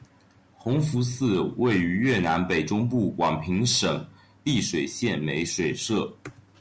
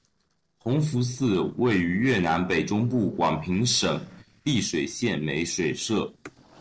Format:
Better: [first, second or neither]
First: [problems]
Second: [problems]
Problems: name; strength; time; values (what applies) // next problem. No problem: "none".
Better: first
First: none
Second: noise reduction (neural separator model SepFormer DNS4)